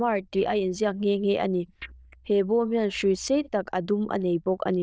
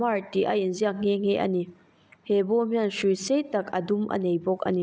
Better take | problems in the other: second | noise reduction (neural diffusion model UNIVERSE++)

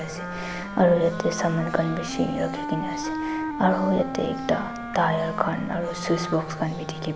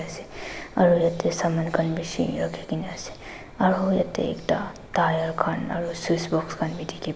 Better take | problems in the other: second | background sound (Wind instrument, woodwind instrument); 7 dB below the speech

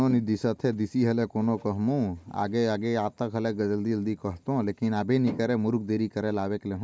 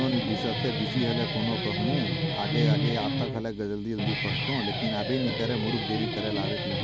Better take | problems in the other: first | background sound (Guitar); 1 dB above the speech

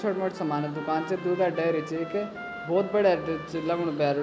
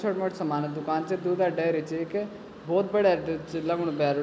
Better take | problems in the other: second | background sound (Trumpet); 15 dB below the speech

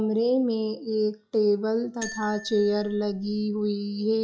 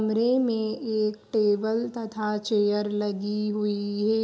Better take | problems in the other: second | noise reduction (classical method log-MMSE)

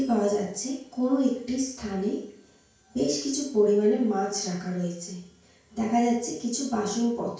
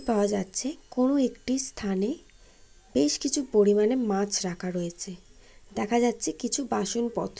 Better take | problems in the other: second | room echo; dies away in 0.5 s

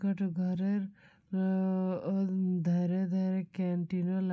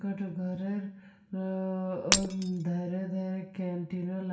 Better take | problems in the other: first | background sound (Shatter); as loud as the speech // room echo; dies away in 0.7 s

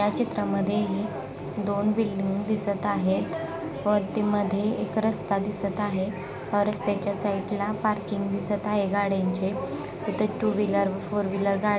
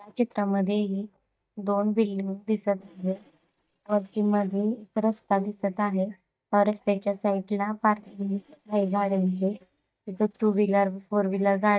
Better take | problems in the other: first | noise reduction (neural mask model DeepFilterNet 3)

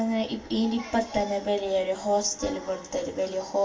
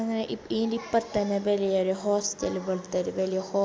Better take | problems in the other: second | room echo; dies away in 0.2 s

